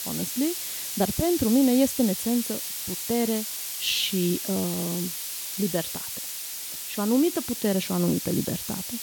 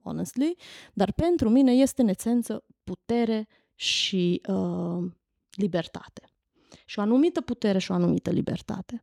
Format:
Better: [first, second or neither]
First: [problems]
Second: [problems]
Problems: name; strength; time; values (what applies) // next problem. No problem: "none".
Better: second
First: hiss; loud; throughout; 4 dB below the speech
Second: none